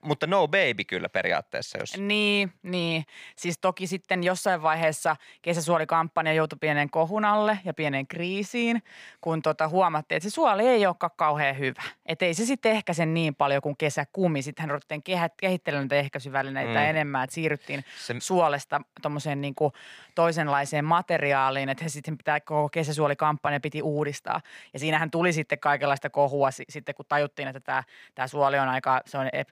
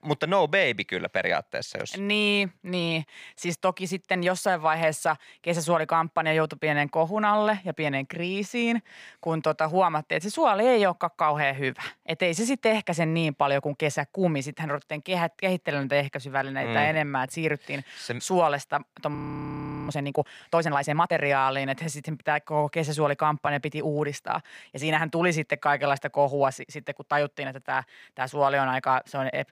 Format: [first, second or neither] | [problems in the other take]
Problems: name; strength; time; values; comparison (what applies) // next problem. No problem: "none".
first | audio freezing; at 19 s for 0.5 s